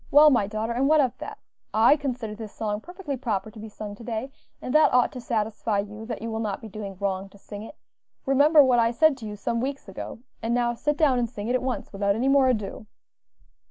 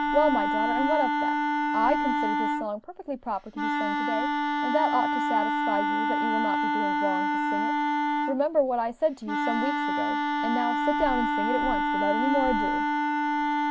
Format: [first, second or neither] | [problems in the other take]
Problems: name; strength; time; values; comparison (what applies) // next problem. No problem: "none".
first | background sound (Wind instrument, woodwind instrument); 3 dB above the speech